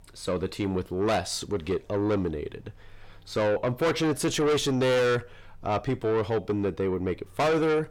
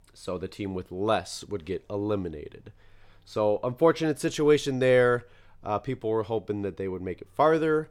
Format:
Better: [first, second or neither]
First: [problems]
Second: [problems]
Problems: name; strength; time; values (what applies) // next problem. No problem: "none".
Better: second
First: distortion; heavy; 6 dB below the speech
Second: none